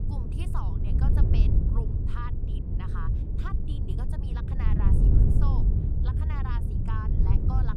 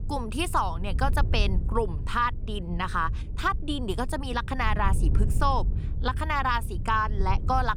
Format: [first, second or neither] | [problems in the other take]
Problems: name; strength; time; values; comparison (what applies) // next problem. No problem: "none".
second | wind noise on the microphone; heavy; 1 dB above the speech; occasional gusts in the second